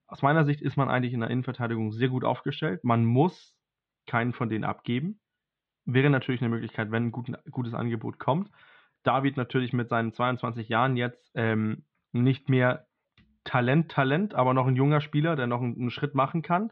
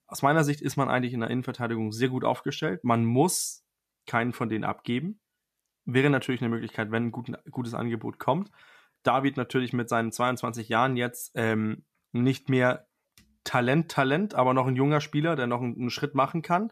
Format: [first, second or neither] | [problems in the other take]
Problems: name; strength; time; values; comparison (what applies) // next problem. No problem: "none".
second | muffled; very; fading above 3.5 kHz